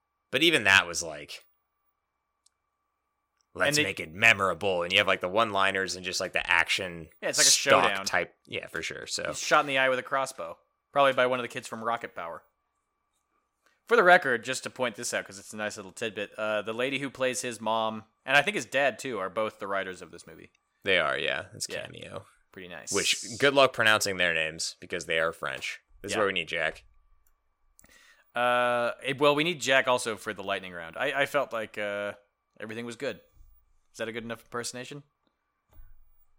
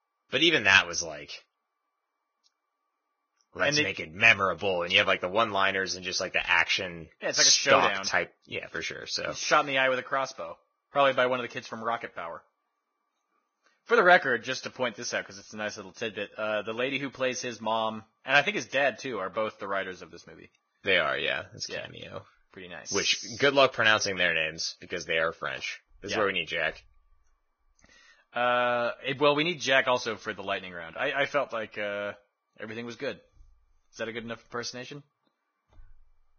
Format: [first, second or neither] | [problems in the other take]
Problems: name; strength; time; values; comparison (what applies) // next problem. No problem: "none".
first | garbled, watery; badly; nothing above 6.5 kHz